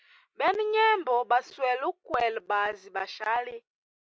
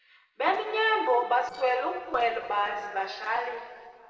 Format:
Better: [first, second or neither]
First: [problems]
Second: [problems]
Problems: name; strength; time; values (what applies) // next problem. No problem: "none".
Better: first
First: none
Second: noise reduction (neural separator model SepFormer DNS4)